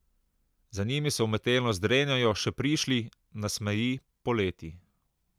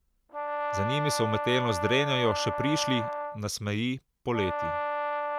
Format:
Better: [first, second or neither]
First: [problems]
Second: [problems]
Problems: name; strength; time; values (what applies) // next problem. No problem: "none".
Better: first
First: none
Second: background sound (Brass instrument); 2 dB below the speech